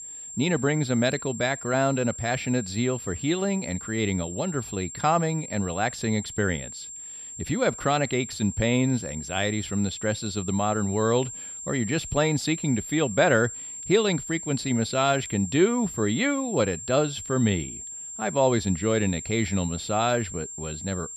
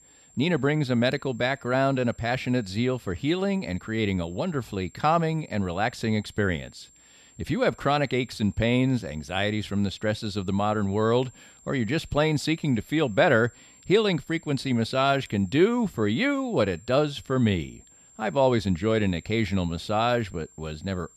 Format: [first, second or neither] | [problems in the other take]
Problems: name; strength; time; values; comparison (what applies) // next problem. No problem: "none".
second | high-pitched whine; loud; throughout; 7.5 kHz, 10 dB below the speech; faint in the second